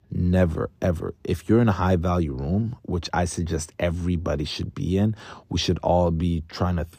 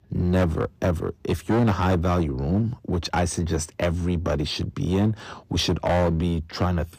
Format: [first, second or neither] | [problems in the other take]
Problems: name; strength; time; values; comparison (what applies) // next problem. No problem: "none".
first | distortion; slight; 12% of the sound clipped